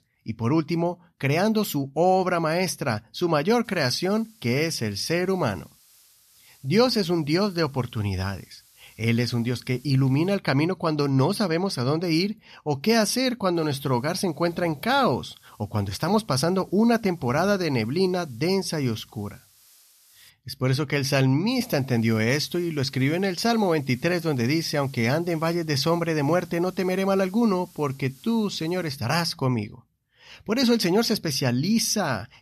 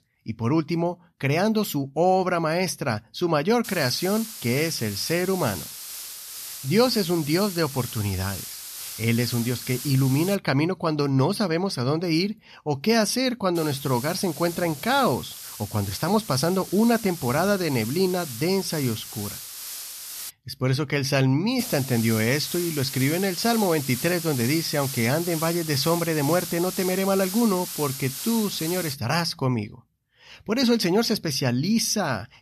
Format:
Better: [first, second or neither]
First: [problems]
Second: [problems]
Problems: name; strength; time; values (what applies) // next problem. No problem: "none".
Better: first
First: hiss; faint; from 3.5 to 10 s, from 14 to 20 s and from 22 to 29 s; 30 dB below the speech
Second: hiss; loud; from 3.5 to 10 s, from 14 to 20 s and from 22 to 29 s; 9 dB below the speech